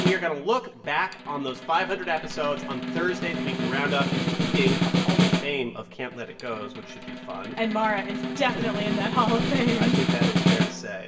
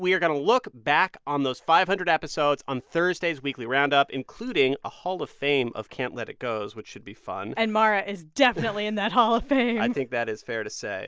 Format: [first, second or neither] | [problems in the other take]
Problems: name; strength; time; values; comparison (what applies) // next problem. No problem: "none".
second | background sound (Snare drum); 1 dB above the speech // room echo; dies away in 0.7 s